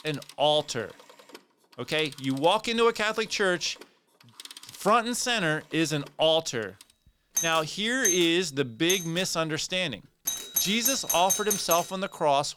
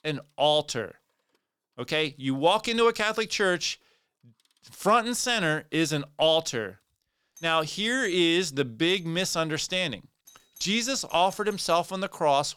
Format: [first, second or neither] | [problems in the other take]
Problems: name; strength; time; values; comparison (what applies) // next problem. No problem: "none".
second | alarms or sirens; loud; throughout; 3 dB below the speech; faint in the second